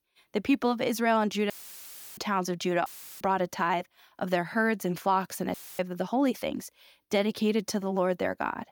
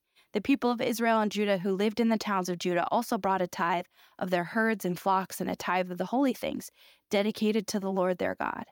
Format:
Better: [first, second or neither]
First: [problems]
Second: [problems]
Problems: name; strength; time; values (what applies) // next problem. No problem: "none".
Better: second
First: audio cutting out; filled with static; at 1.5 s for 0.5 s, at 3 s and at 5.5 s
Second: none